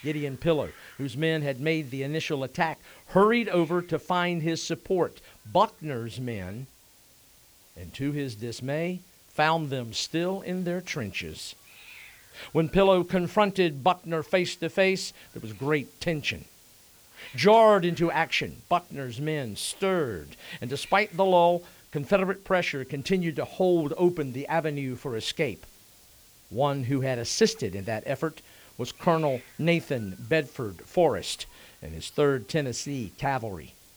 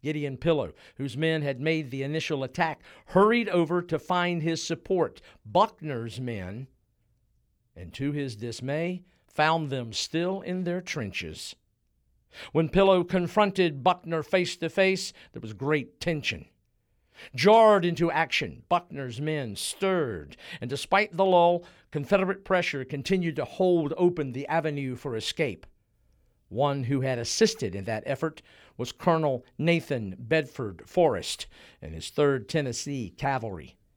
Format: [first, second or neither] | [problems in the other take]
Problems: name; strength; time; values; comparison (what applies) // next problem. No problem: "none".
second | hiss; faint; throughout; 25 dB below the speech